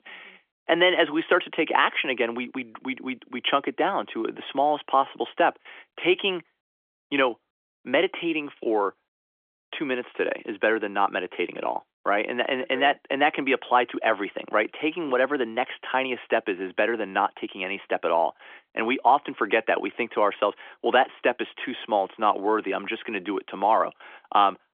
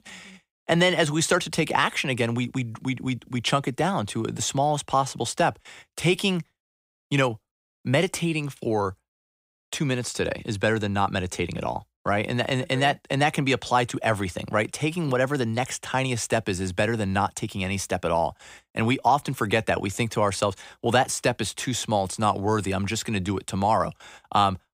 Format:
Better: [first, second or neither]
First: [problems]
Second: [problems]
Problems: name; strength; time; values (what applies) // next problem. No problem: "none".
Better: second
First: phone-call audio; nothing above 3.5 kHz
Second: none